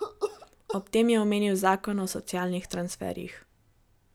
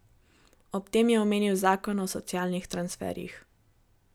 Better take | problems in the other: second | background sound (Cough); 13 dB below the speech

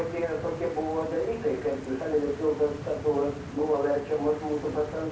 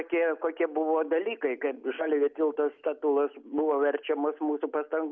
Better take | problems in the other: second | background sound (Stream); 12 dB below the speech // room echo; dies away in 0.6 s

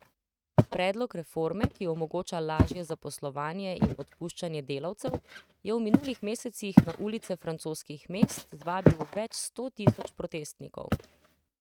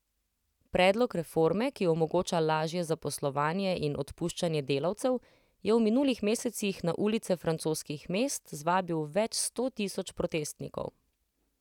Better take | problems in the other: second | noise reduction (neural mask model RNNoise)

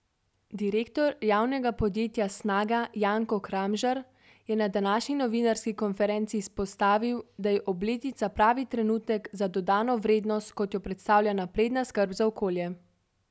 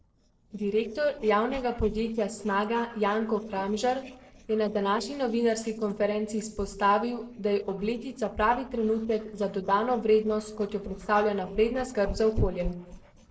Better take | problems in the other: first | noise reduction (neural separator model SepFormer DNS4)

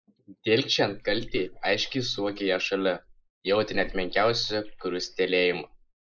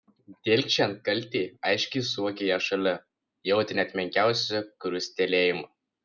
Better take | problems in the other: second | noise reduction (neural mask model Resemble Enhance denoiser)

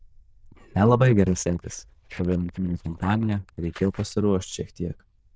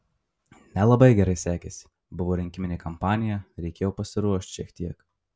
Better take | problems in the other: second | noise reduction (neural diffusion model UNIVERSE++)

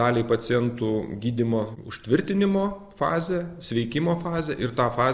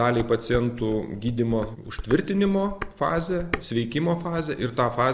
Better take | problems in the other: first | background sound (Dishes, pots, and pans); 12 dB below the speech

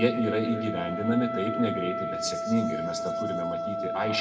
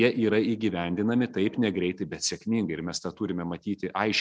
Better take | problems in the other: second | background sound (Wind instrument, woodwind instrument); 3 dB below the speech // room echo; dies away in 1.9 s

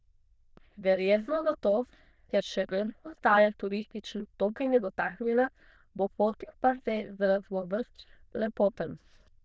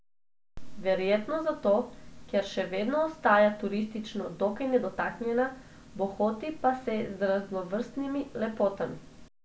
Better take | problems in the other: second | noise reduction (neural diffusion model UNIVERSE++)

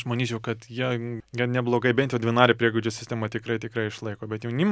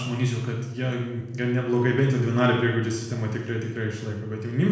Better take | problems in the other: first | room echo; dies away in 1 s

